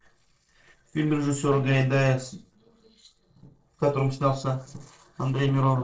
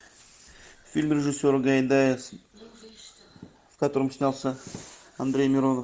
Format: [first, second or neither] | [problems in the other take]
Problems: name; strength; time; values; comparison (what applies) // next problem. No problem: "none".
second | noise reduction (neural separator model SepFormer DNS4)